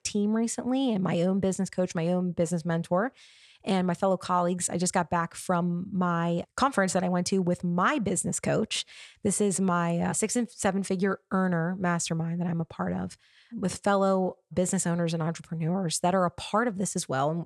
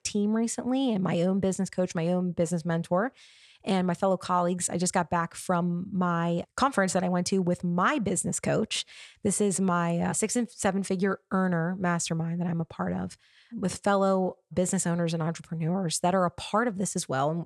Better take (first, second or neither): neither